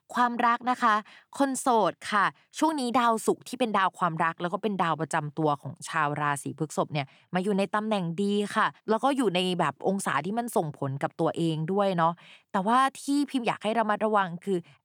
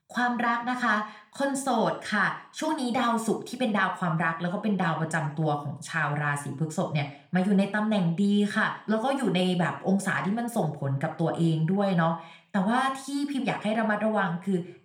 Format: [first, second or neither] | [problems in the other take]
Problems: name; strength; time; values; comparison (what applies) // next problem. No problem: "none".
first | room echo; very slight; dies away in 0.4 s